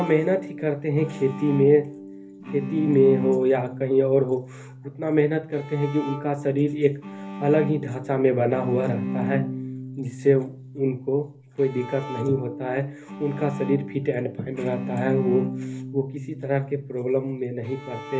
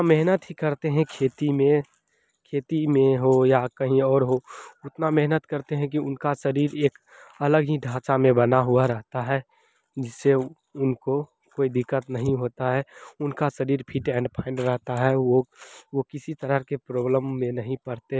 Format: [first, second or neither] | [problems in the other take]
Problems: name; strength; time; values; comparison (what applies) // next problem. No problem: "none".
second | background sound (Bowed string instrument); 9 dB below the speech // room echo; dies away in 0.3 s